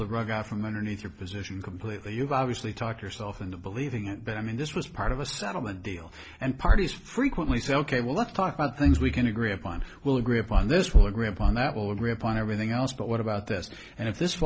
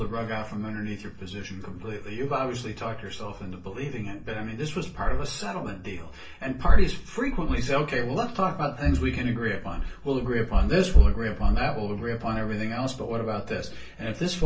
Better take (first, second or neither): first